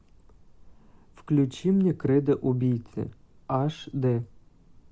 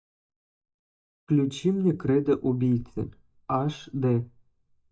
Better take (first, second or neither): first